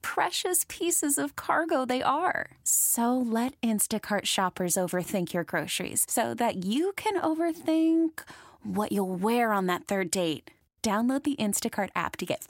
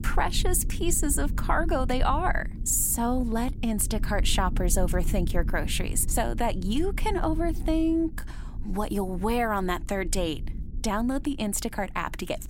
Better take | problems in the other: first | low rumble; noticeable; throughout; 20 dB below the speech

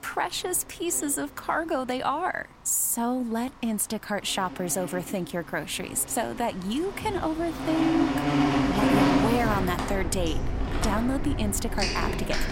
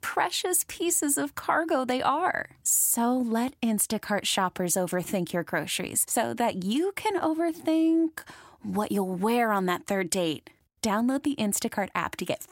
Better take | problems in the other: second | animal sounds; very loud; throughout; 1 dB above the speech

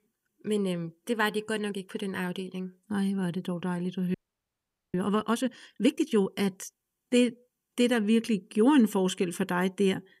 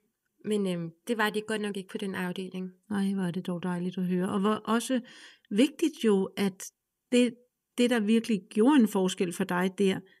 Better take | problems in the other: second | audio freezing; at 4 s for 1 s

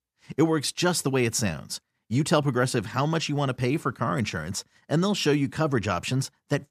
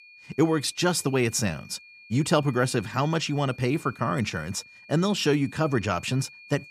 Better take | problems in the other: first | high-pitched whine; faint; throughout; 2.5 kHz, 20 dB below the speech

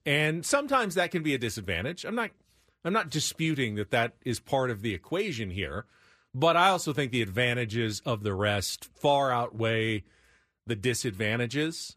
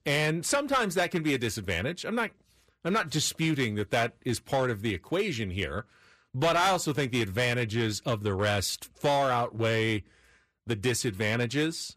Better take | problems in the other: first | distortion; slight; 5% of the sound clipped

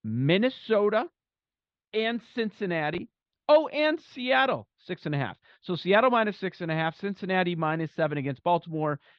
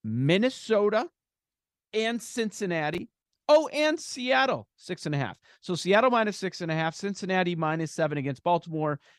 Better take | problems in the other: second | muffled; slightly; fading above 4 kHz

